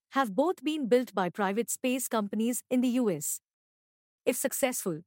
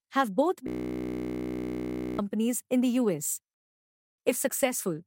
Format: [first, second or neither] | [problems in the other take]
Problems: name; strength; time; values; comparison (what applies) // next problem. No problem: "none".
first | audio freezing; at 0.5 s for 1.5 s